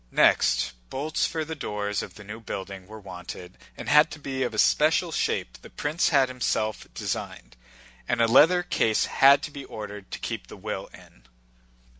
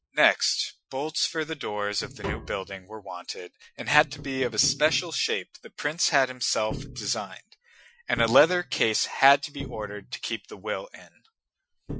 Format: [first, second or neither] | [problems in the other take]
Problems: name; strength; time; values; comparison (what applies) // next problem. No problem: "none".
first | noise reduction (classical method Wiener filter)